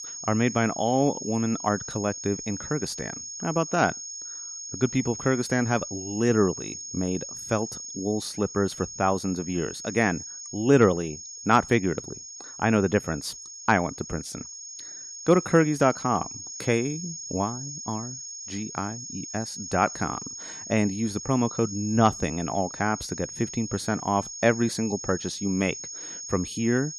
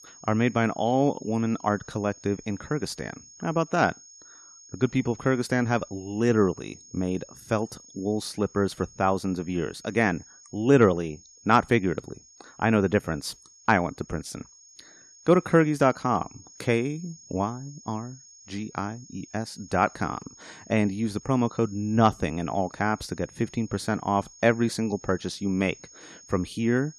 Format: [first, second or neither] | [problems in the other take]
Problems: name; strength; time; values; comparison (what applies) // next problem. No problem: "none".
second | high-pitched whine; loud; throughout; 6.5 kHz, 9 dB below the speech; faint in the second